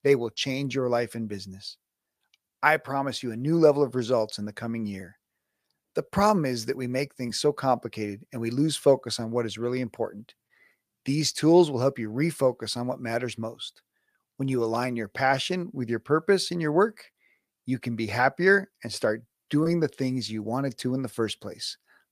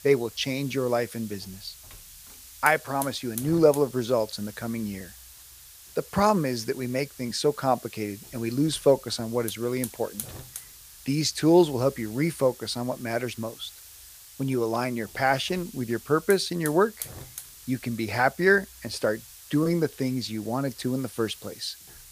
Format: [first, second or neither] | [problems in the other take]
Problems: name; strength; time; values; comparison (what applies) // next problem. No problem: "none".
first | hiss; noticeable; throughout; 15 dB below the speech